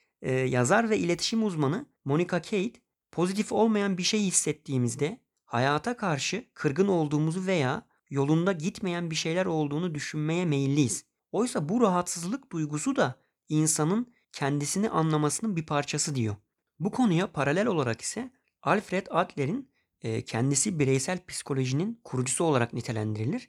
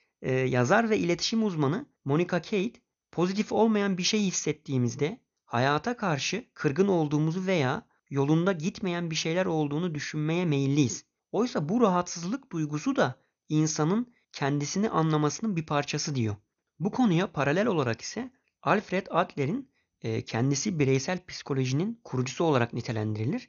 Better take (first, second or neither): first